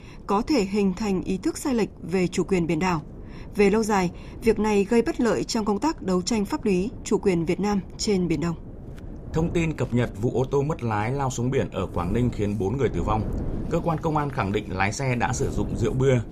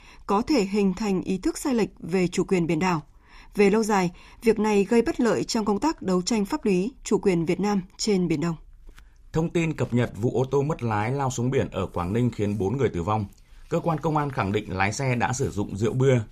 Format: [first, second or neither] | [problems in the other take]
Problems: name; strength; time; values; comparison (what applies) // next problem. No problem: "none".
second | wind noise on the microphone; occasional gusts; 20 dB below the speech